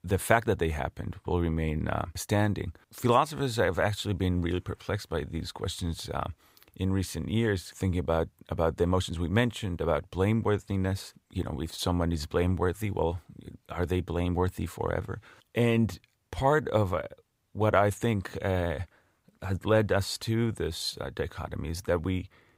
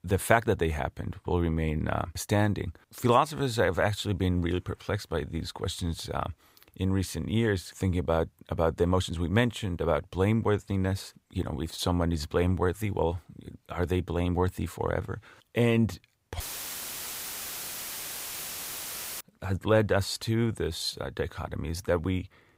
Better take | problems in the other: first | audio cutting out; filled with static; at 16 s for 3 s

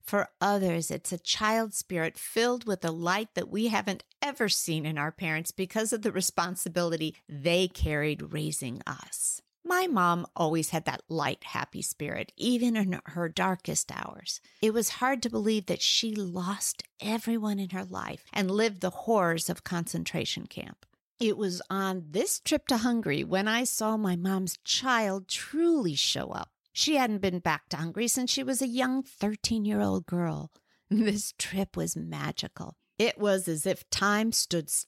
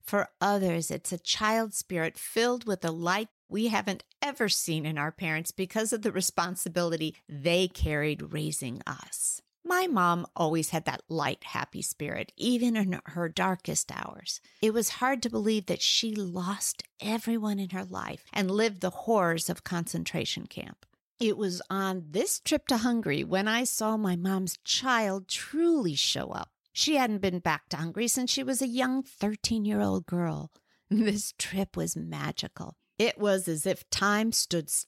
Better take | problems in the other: first | audio cutting out; at 3.5 s

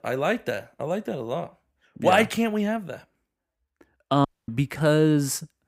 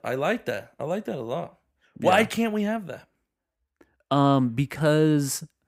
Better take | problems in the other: second | audio cutting out; at 4.5 s

